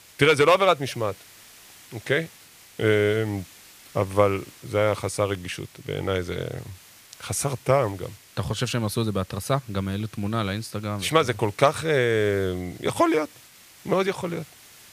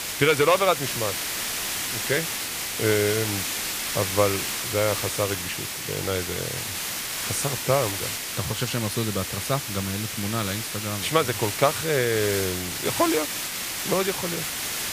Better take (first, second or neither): first